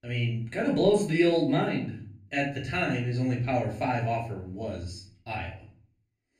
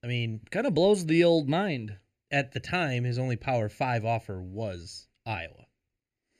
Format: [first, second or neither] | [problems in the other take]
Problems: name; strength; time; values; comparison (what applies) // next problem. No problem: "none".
second | off-mic speech; far // room echo; slight; dies away in 0.4 s